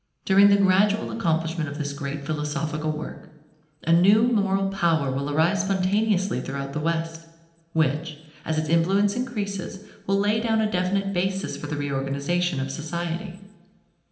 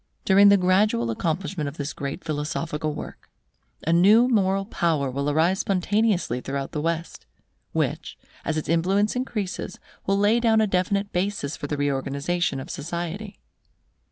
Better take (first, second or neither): second